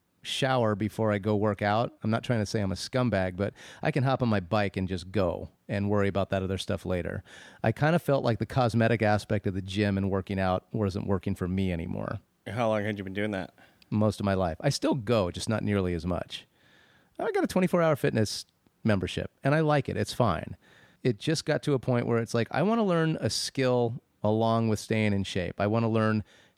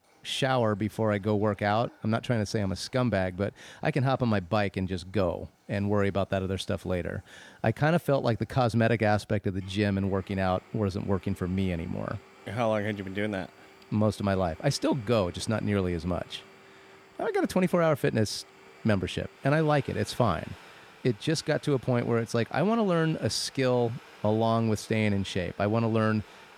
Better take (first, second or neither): first